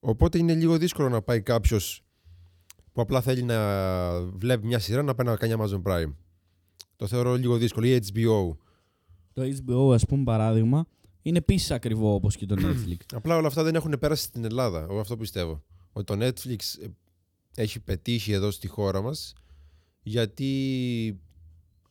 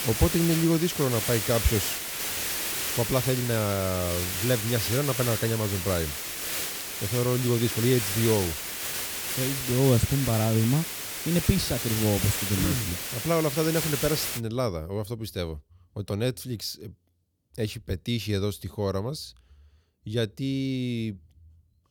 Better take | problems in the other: first | hiss; loud; until 14 s; 2 dB below the speech

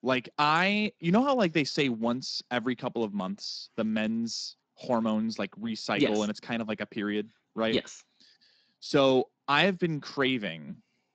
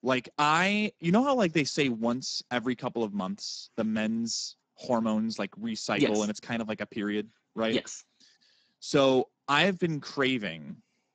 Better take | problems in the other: first | garbled, watery; badly; nothing above 7.5 kHz; slightly in the first

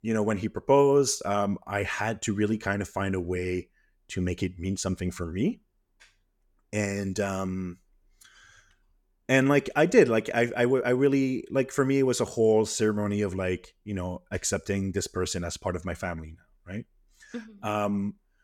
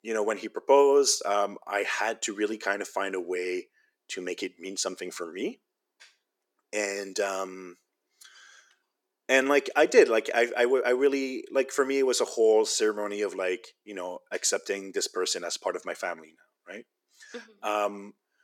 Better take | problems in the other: first | thin; somewhat; fading below 350 Hz

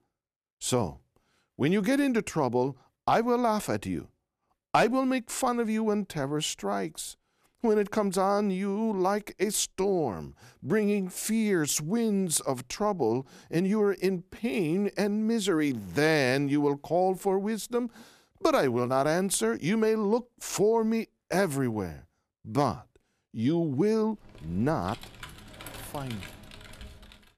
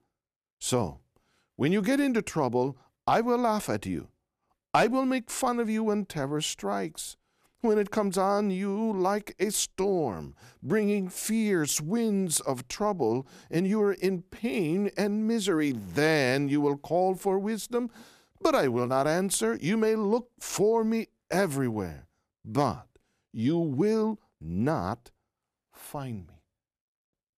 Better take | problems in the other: second | keyboard typing; faint; from 24 s on; peak 15 dB below the speech

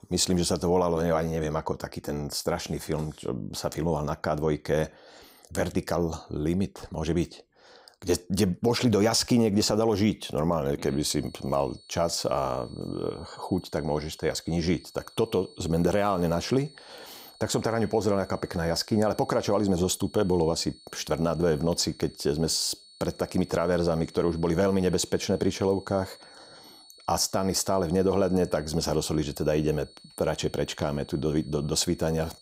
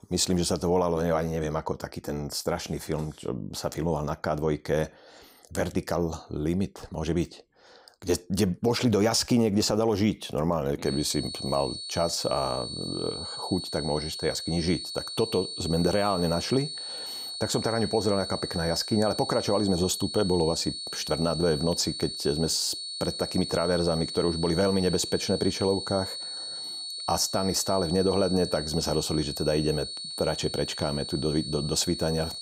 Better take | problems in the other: first | high-pitched whine; loud; from 11 s on; 4.5 kHz, 6 dB below the speech; faint in the first

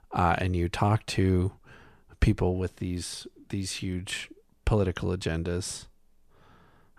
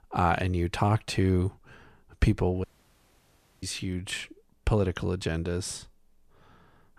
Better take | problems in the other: first | audio cutting out; at 2.5 s for 1 s

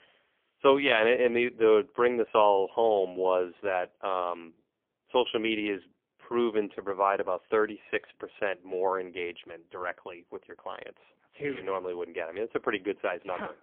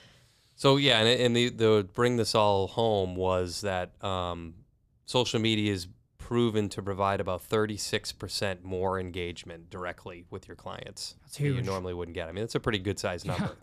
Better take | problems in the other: second | phone-call audio; poor line; nothing above 3.5 kHz

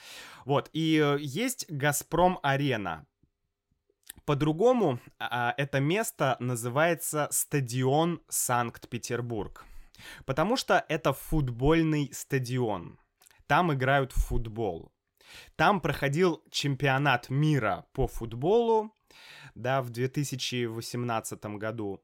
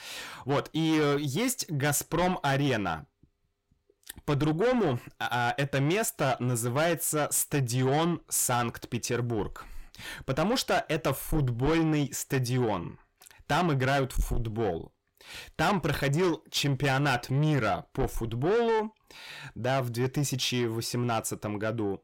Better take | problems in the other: first | distortion; heavy; 8 dB below the speech

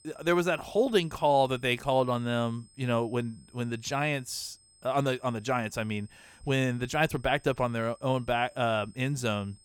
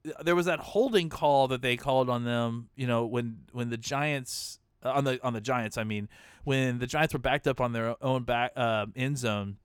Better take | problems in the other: second | high-pitched whine; faint; throughout; 8.5 kHz, 30 dB below the speech

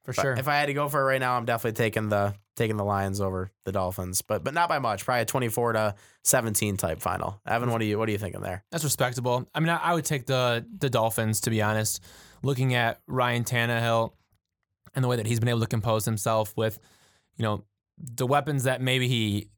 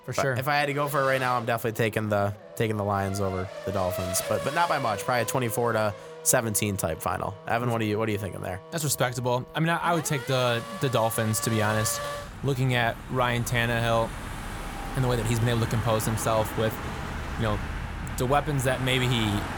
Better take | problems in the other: first | traffic noise; noticeable; throughout; 10 dB below the speech

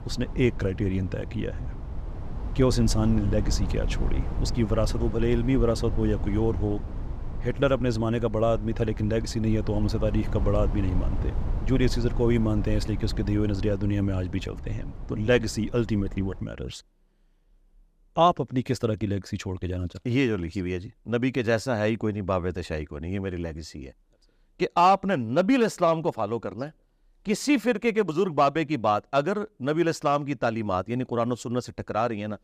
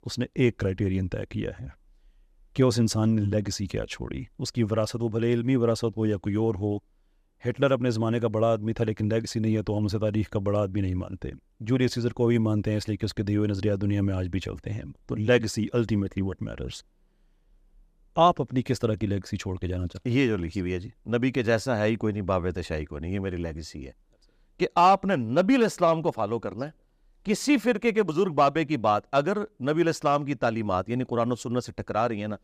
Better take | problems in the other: second | low rumble; noticeable; until 16 s; 15 dB below the speech

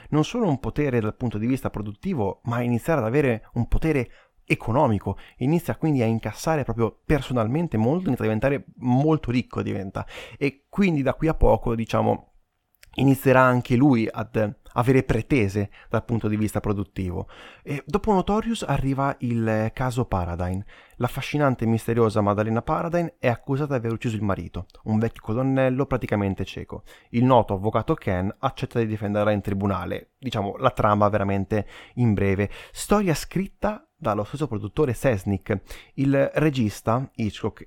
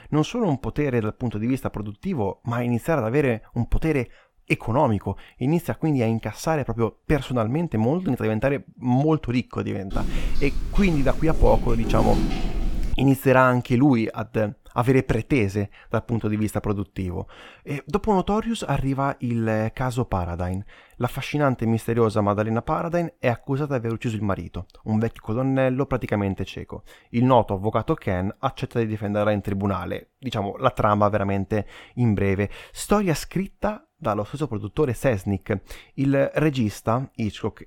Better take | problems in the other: first | footsteps; noticeable; from 10 to 13 s; peak 1 dB below the speech

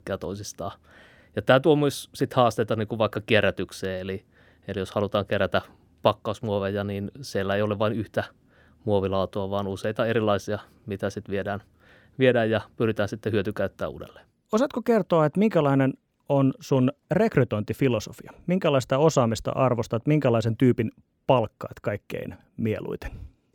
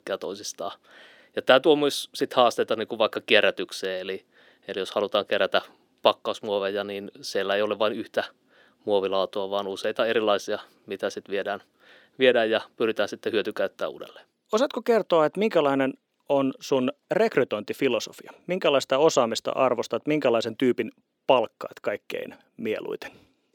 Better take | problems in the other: first | thin; very slightly; fading below 350 Hz

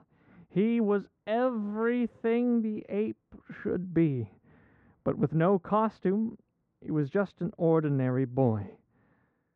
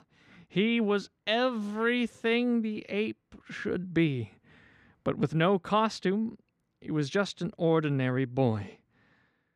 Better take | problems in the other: second | muffled; very; fading above 2.5 kHz

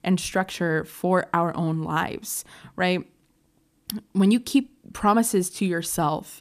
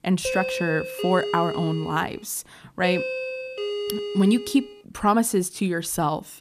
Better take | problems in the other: first | doorbell; noticeable; until 4.5 s; peak 3 dB below the speech

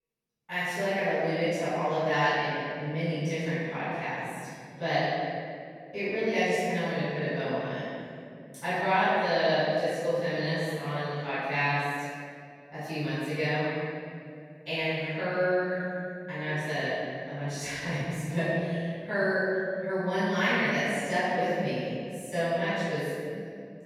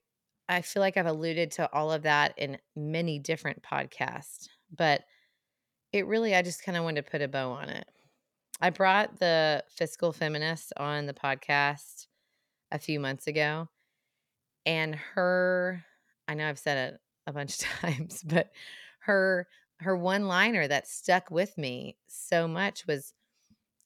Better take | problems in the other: second | off-mic speech; far // room echo; strong; dies away in 2.4 s

